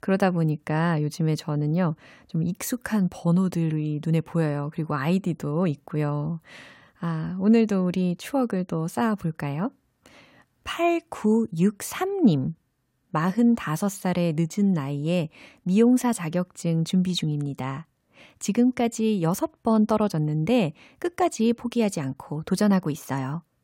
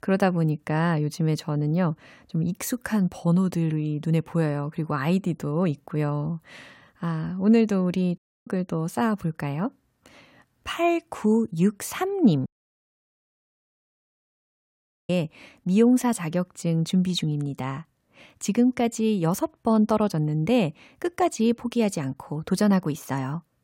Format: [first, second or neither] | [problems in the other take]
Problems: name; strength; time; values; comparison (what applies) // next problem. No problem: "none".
first | audio cutting out; at 8 s and at 12 s for 2.5 s